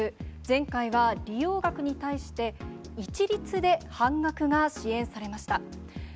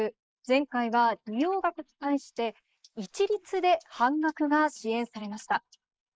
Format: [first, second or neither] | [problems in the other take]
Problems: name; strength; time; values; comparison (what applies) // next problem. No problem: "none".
first | noise reduction (neural mask model Resemble Enhance denoiser)